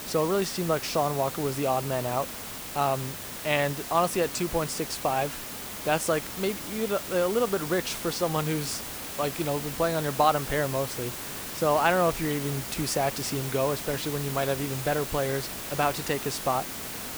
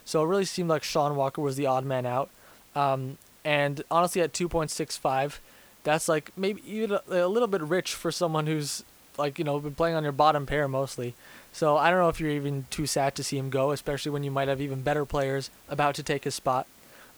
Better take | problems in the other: second | hiss; loud; throughout; 6 dB below the speech; faint in the second

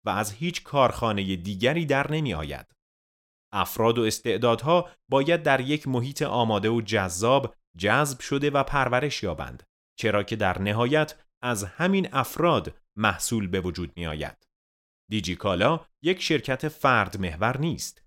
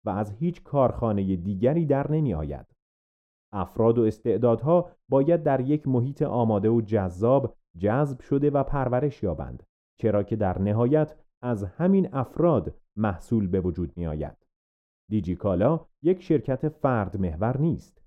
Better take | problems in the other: first | muffled; very; fading above 1.5 kHz

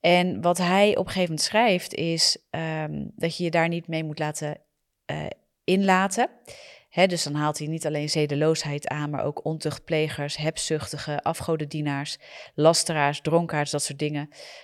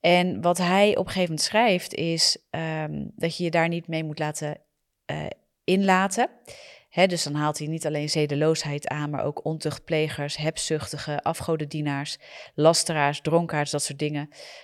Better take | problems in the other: neither | none

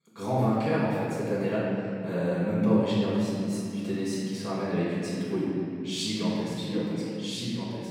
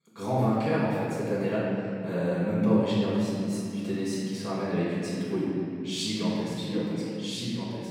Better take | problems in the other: neither | off-mic speech; far; the same in both // room echo; strong; dies away in 2.2 s; the same in both

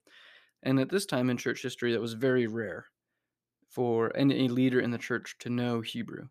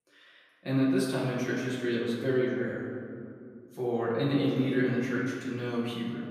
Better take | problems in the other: first | off-mic speech; far // room echo; noticeable; dies away in 2.1 s

